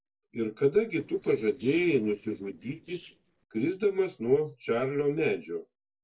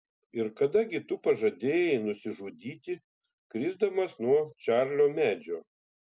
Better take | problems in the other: second | noise reduction (neural separator model SepFormer DNS4)

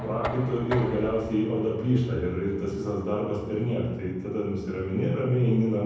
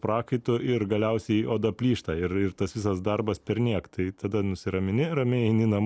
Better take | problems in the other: second | background sound (Knock); 15 dB below the speech // room echo; dies away in 1.1 s

